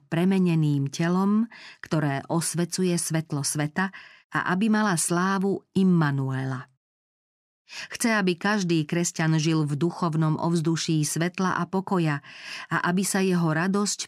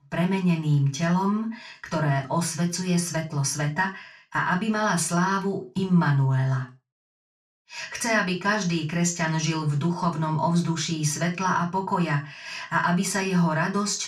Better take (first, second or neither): first